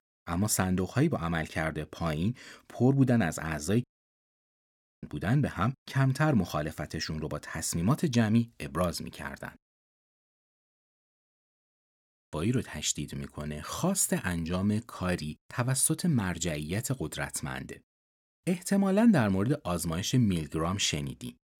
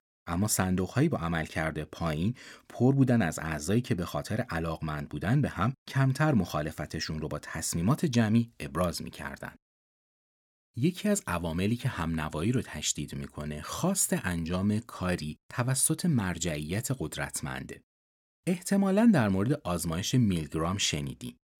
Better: second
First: audio cutting out; at 4 s for 1 s and at 11 s for 2 s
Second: none

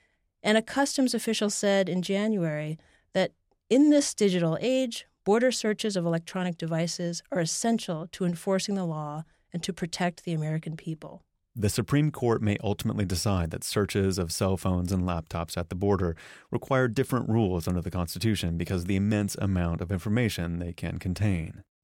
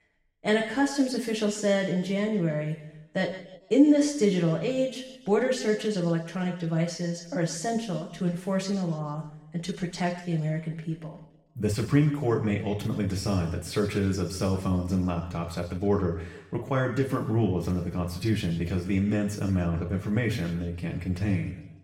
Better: first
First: none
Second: room echo; noticeable; dies away in 1 s // off-mic speech; far

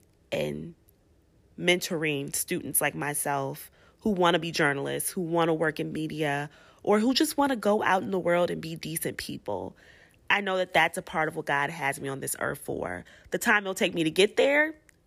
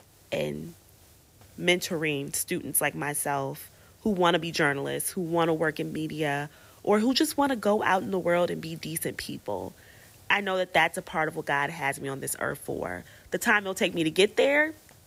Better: first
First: none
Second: hiss; faint; throughout; 30 dB below the speech

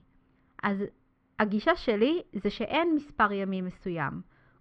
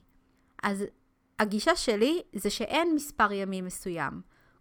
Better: second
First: muffled; slightly; fading above 3.5 kHz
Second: none

